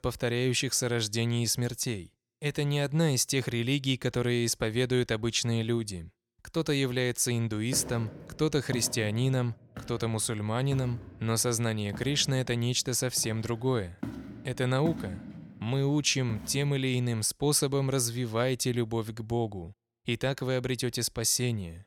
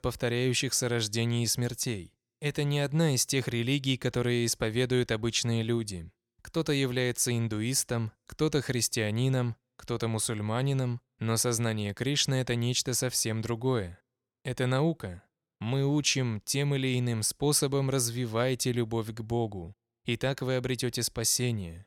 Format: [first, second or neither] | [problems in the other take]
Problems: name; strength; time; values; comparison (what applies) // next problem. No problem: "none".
second | footsteps; noticeable; from 7.5 to 17 s; peak 8 dB below the speech